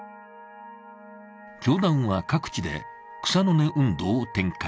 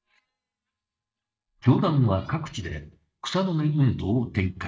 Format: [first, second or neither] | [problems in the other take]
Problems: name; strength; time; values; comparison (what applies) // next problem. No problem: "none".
first | noise reduction (neural mask model DeepFilterNet 3)